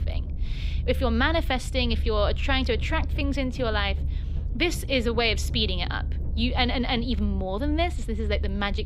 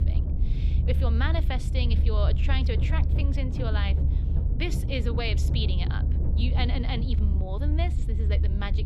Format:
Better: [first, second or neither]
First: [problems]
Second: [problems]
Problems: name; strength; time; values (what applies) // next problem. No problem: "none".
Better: first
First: low rumble; faint; throughout; 20 dB below the speech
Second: low rumble; loud; throughout; 7 dB below the speech